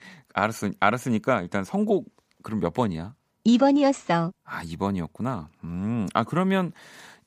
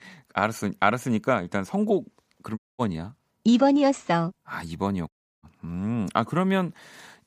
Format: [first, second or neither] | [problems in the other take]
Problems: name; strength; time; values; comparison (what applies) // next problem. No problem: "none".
first | audio cutting out; at 2.5 s and at 5 s